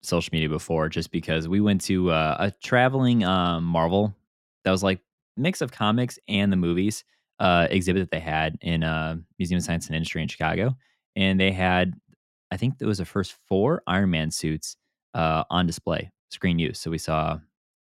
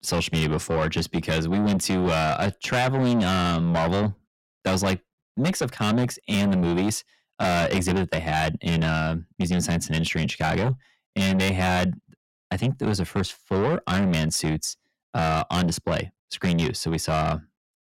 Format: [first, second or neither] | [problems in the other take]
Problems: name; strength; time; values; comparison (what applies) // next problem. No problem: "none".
first | distortion; heavy; 7 dB below the speech